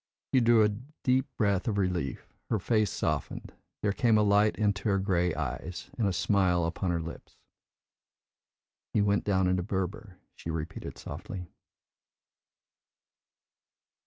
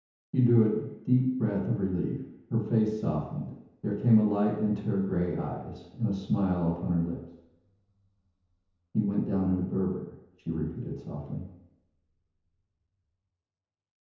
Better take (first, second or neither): first